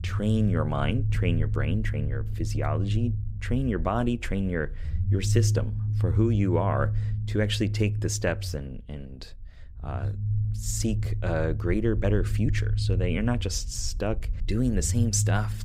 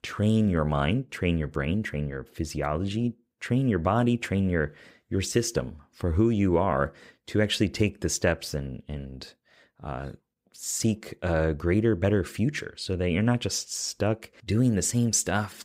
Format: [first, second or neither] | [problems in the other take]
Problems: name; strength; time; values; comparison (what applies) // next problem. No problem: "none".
second | low rumble; noticeable; throughout; 10 dB below the speech